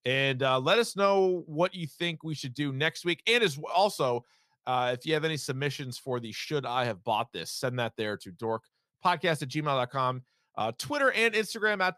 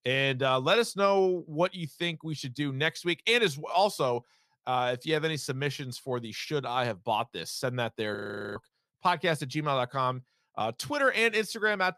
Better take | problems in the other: first | audio freezing; at 8 s

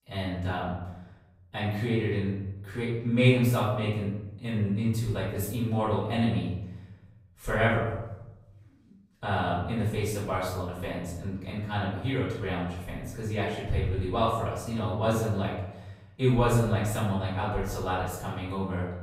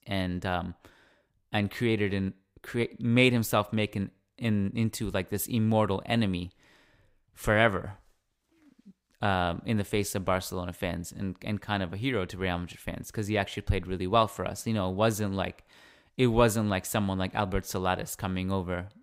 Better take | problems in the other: second | off-mic speech; far // room echo; noticeable; dies away in 1 s

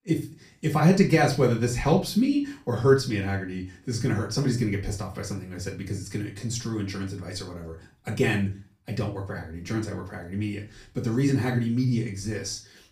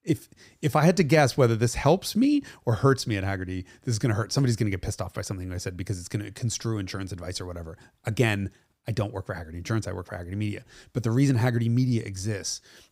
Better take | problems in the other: second | off-mic speech; far // room echo; very slight; dies away in 0.3 s

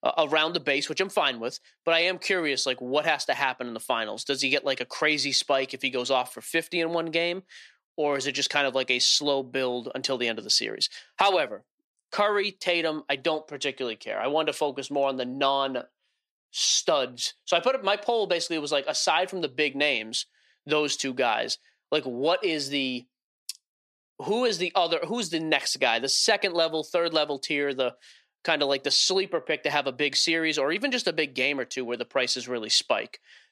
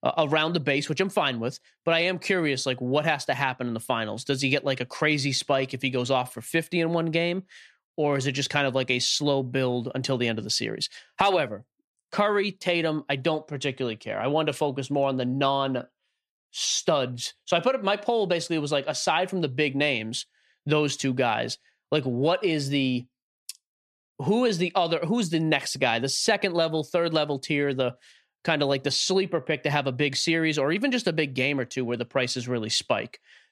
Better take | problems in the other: second | thin; very slightly; fading below 350 Hz

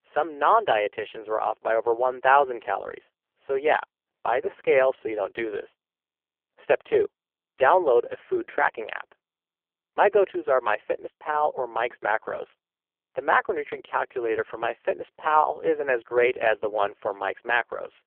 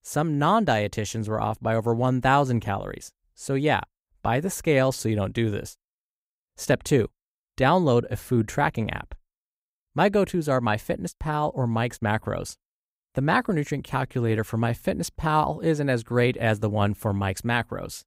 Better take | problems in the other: second | phone-call audio; poor line

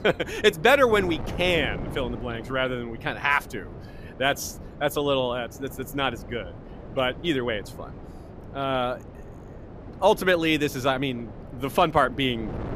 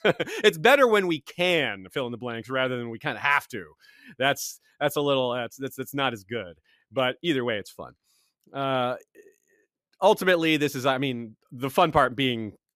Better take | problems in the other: second | wind noise on the microphone; occasional gusts; 20 dB below the speech

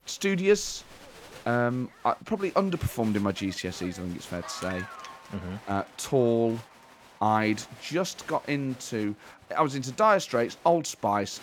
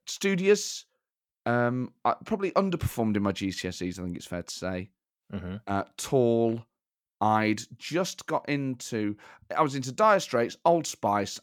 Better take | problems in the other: second | crowd noise; noticeable; throughout; 20 dB below the speech

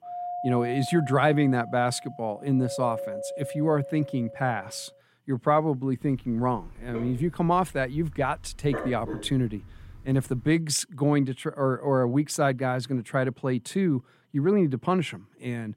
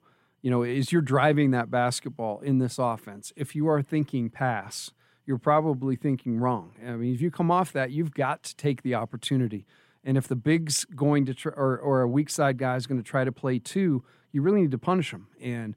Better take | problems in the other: second | doorbell; noticeable; until 5 s; peak 7 dB below the speech // dog barking; noticeable; from 6 to 11 s; peak 8 dB below the speech

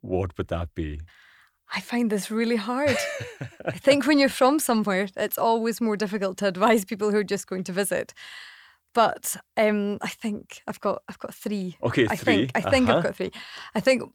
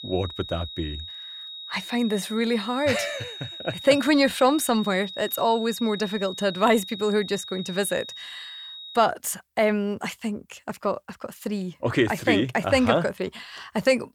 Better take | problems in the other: first | high-pitched whine; noticeable; until 9 s; 4 kHz, 10 dB below the speech

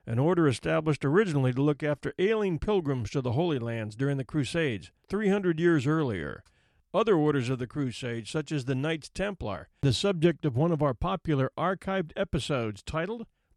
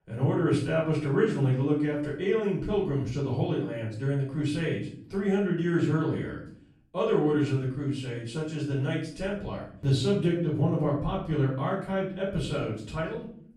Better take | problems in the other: first | room echo; noticeable; dies away in 0.5 s // off-mic speech; far

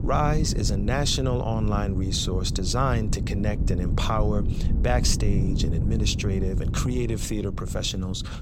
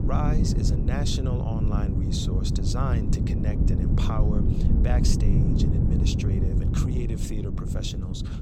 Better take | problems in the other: first | wind noise on the microphone; heavy; as loud as the speech; occasional gusts in the first

